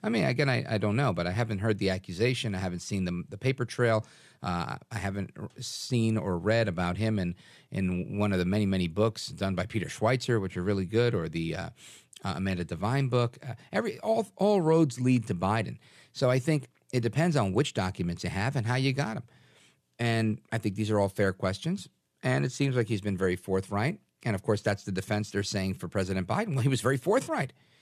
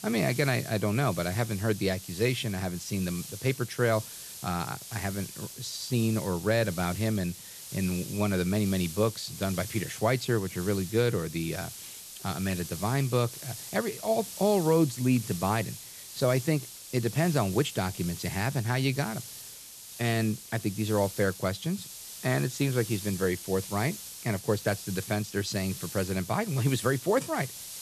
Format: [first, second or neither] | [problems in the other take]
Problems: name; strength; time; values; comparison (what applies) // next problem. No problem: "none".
first | hiss; noticeable; throughout; 10 dB below the speech